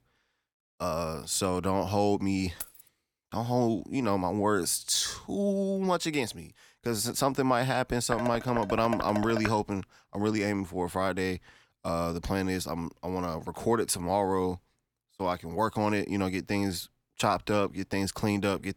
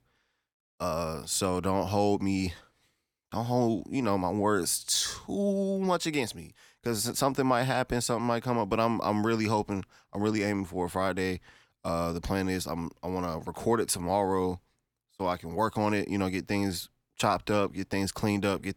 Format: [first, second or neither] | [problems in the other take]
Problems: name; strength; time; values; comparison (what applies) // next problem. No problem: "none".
second | jangling keys; faint; at 2.5 s; peak 10 dB below the speech // clattering dishes; noticeable; from 8 to 9.5 s; peak 6 dB below the speech